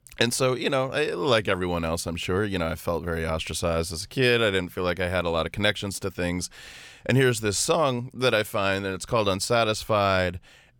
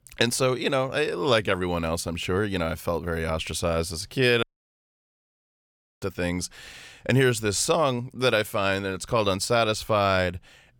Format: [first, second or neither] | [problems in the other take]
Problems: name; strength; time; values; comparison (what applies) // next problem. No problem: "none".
first | audio cutting out; at 4.5 s for 1.5 s